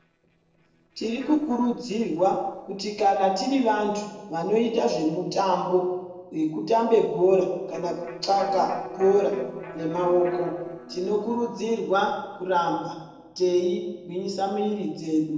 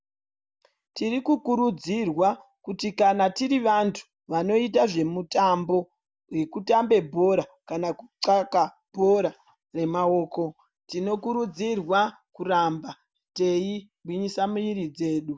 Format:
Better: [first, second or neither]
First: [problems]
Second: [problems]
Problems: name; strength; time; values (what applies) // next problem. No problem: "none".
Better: second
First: noise reduction (neural separator model SepFormer DNS4)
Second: none